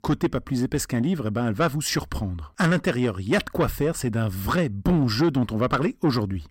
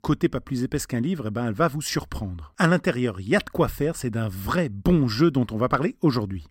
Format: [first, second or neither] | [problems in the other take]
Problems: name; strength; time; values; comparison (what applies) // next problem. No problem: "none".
second | distortion; slight; 10 dB below the speech